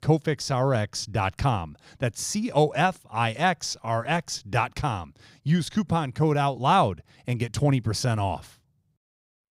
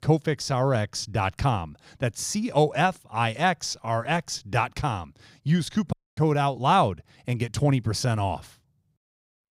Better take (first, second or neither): first